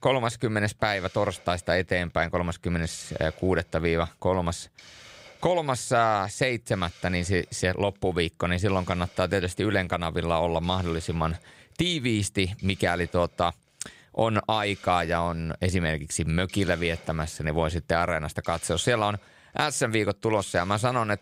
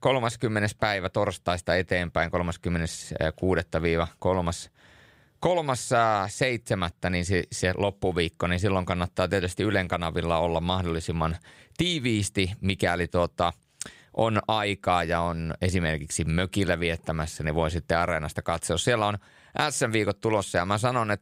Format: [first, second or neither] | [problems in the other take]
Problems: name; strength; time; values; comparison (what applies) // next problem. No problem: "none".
second | hiss; faint; throughout; 25 dB below the speech